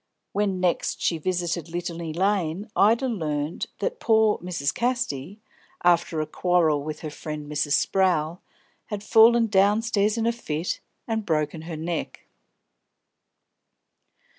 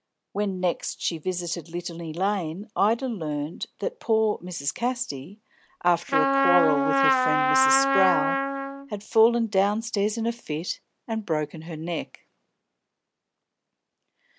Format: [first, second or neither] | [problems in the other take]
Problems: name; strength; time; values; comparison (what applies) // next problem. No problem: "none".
first | background sound (Trumpet); 3 dB above the speech